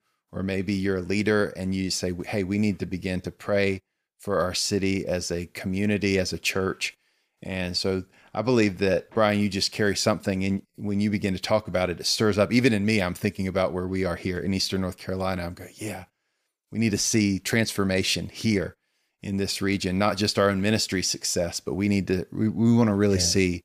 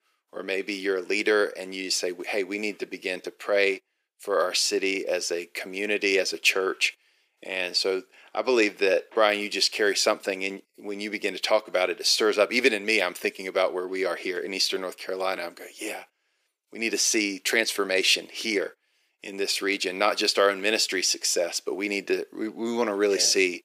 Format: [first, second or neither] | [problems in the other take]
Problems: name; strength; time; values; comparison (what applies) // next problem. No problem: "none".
first | thin; somewhat; fading below 350 Hz